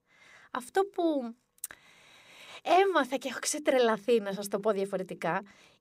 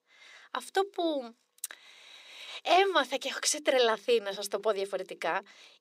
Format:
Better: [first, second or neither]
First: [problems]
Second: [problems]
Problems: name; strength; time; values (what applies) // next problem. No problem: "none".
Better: first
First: none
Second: thin; somewhat; fading below 400 Hz